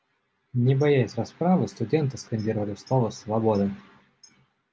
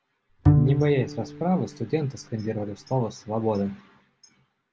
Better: first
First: none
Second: background sound (Bowed string instrument); 1 dB above the speech

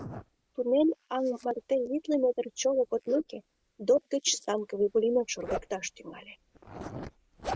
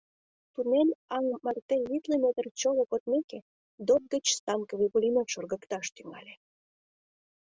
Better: second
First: noise reduction (neural mask model Resemble Enhance denoiser)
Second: none

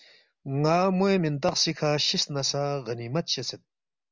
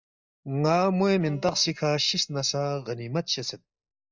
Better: first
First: none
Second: noise reduction (neural mask model DeepFilterNet 3)

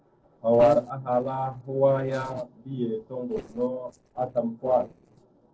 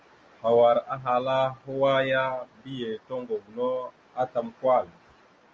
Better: second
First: noise reduction (neural separator model SepFormer DNS4)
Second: none

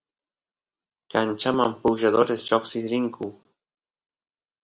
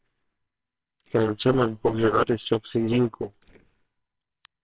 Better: first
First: none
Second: noise reduction (neural separator model SepFormer WHAMR!)

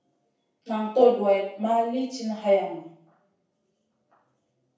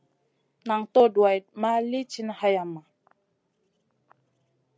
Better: second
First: room echo; dies away in 0.6 s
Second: none

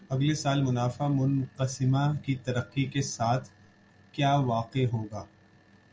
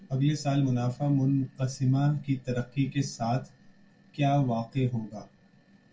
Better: first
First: none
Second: room echo; dies away in 0.2 s

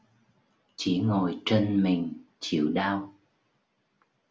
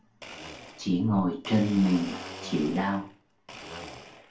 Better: first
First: none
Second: background sound (Domestic sounds, home sounds); 14 dB below the speech // room echo; dies away in 0.2 s

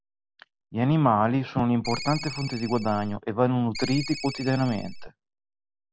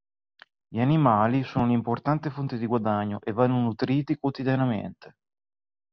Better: second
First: background sound (Ringtone); 10 dB below the speech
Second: none

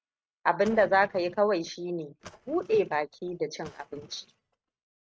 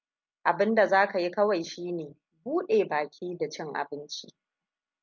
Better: second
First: noise reduction (neural mask model RNNoise)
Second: none

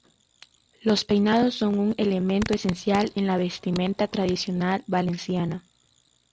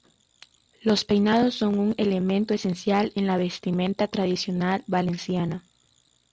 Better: second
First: background sound (Fart); 15 dB below the speech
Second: none

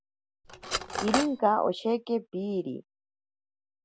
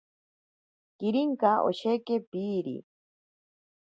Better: second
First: background sound (Cutlery, silverware); 1 dB below the speech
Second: none

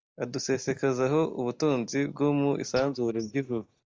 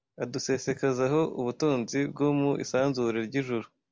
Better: second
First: noise reduction (neural mask model DeepFilterNet 3)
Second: none

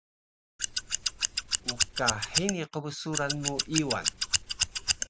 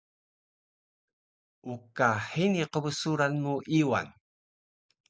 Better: second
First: background sound (Scissors); 4 dB above the speech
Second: none

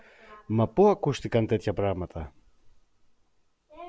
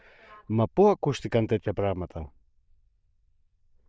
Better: first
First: none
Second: noise reduction (neural diffusion model UNIVERSE++)

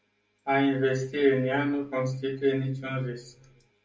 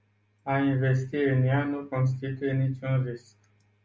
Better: second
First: room echo; dies away in 0.2 s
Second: none

